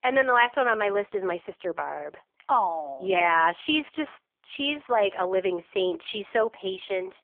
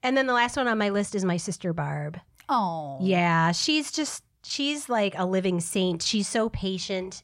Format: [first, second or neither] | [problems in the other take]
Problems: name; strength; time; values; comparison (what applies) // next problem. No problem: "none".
second | phone-call audio; poor line; nothing above 3.5 kHz